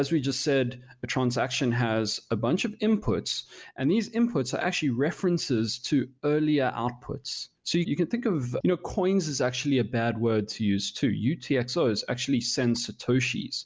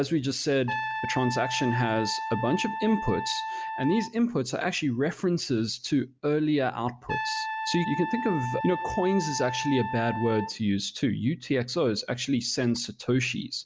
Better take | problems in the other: first | background sound (Trumpet); 5 dB below the speech

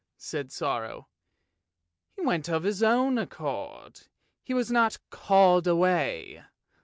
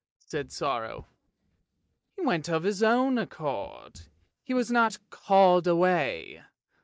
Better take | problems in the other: first | noise reduction (neural mask model DeepFilterNet 3)

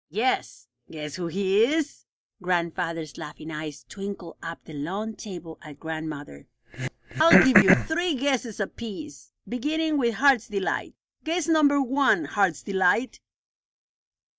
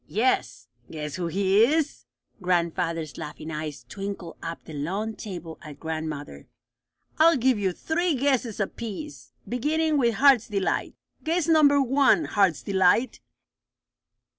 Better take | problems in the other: second | noise reduction (neural mask model DeepFilterNet 3)

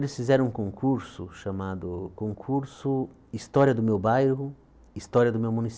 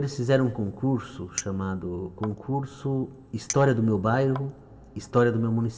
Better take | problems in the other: first | background sound (Chink, clink); 16 dB below the speech // room echo; dies away in 2.9 s

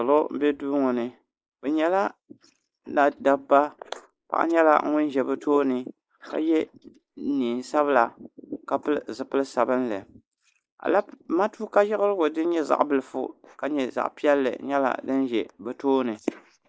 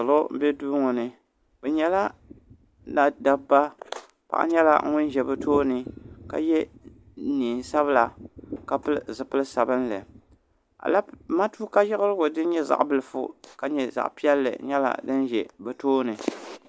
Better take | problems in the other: second | noise reduction (neural mask model Resemble Enhance denoiser)

